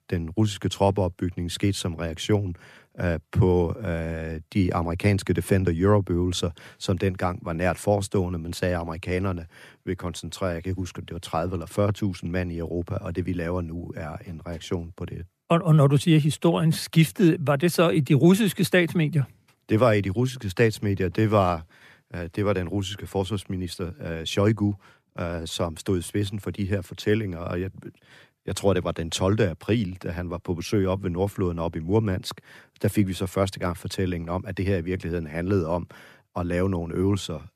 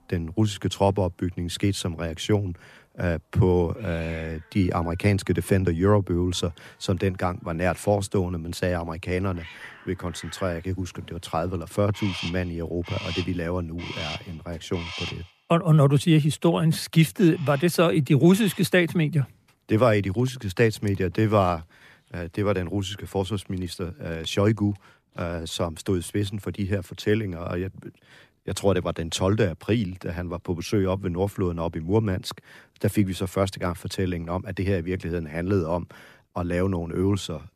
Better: first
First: none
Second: animal sounds; noticeable; throughout; 15 dB below the speech

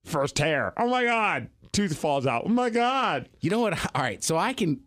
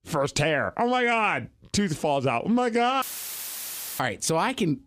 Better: first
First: none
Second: audio cutting out; filled with static; at 3 s for 1 s

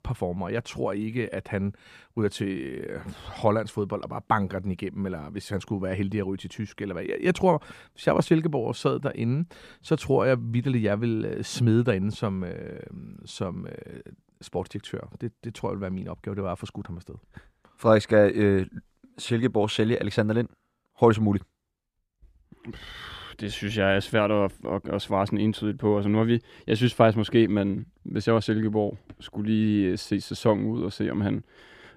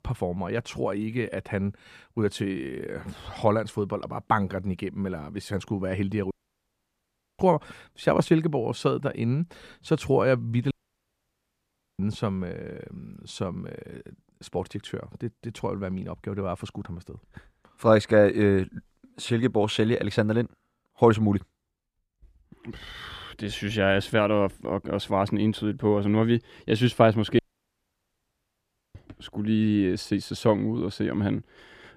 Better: first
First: none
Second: audio cutting out; at 6.5 s for 1 s, at 11 s for 1.5 s and at 27 s for 1.5 s

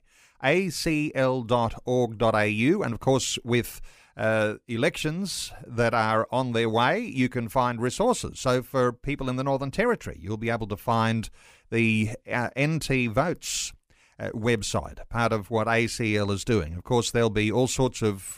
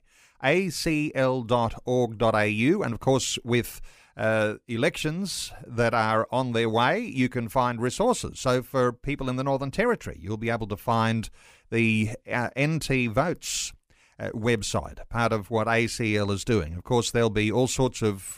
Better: neither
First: none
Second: none

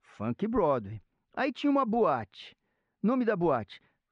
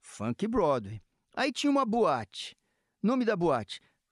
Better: second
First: muffled; slightly; fading above 2.5 kHz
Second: none

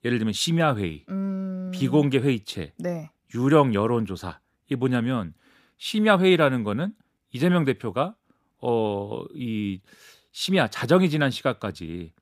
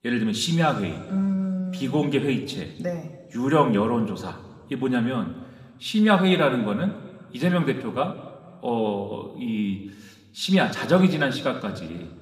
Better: first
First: none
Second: room echo; slight; dies away in 1.3 s

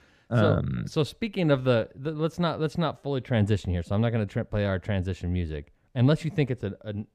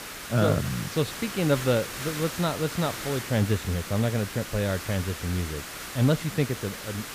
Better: first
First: none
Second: hiss; loud; throughout; 8 dB below the speech

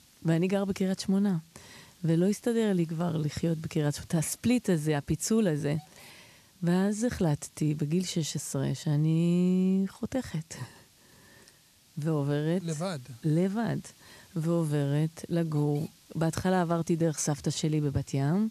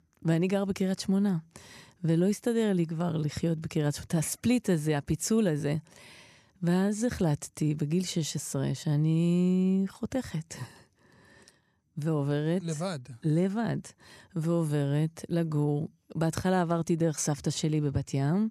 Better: second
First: hiss; faint; throughout; 30 dB below the speech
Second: none

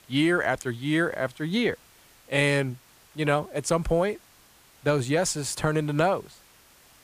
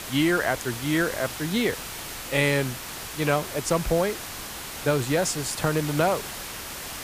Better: first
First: hiss; faint; throughout; 30 dB below the speech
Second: hiss; loud; throughout; 8 dB below the speech

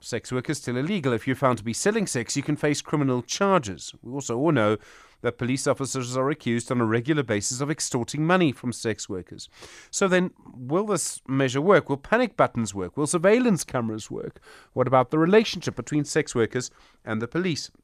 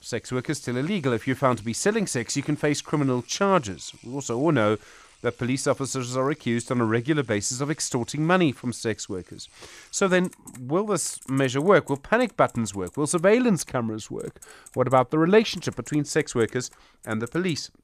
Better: first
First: none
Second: household noises; faint; throughout; 25 dB below the speech

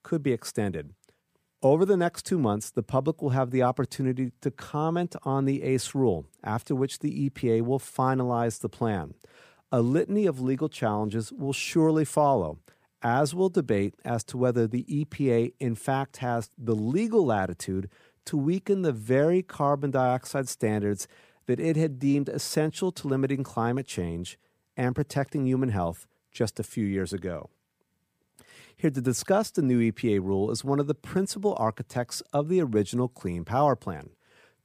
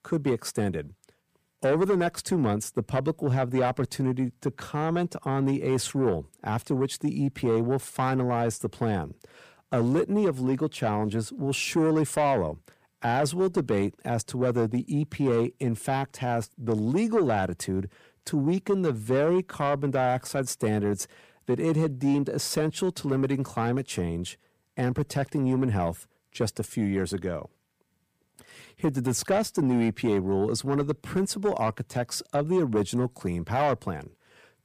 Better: first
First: none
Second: distortion; slight; 10 dB below the speech

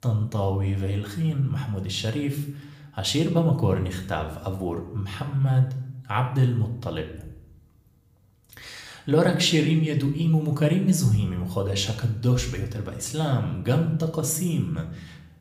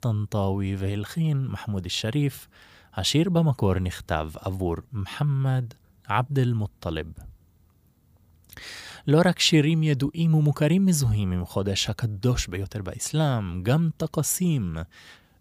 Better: second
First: room echo; slight; dies away in 0.6 s // off-mic speech; somewhat distant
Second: none

